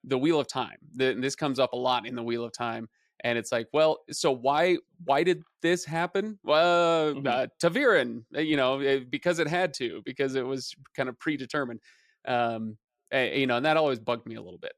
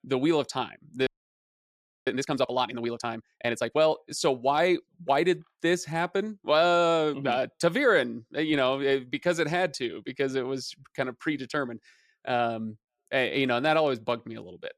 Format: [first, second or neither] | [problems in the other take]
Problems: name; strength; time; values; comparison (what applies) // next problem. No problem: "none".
first | audio freezing; at 1 s for 1 s